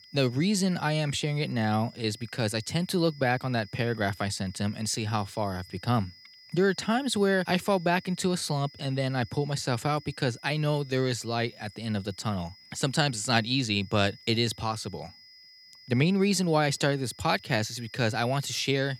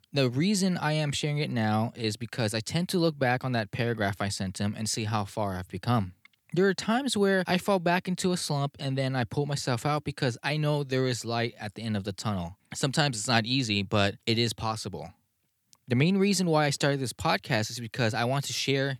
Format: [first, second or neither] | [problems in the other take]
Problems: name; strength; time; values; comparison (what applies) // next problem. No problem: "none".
second | high-pitched whine; faint; throughout; 5 kHz, 20 dB below the speech